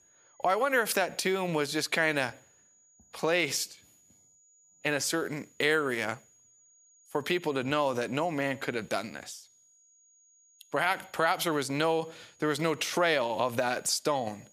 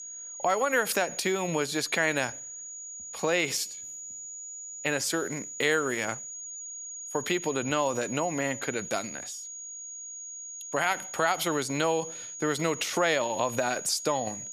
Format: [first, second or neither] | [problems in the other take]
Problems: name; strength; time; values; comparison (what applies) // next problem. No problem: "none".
first | high-pitched whine; loud; throughout; 6.5 kHz, 9 dB below the speech; faint in the first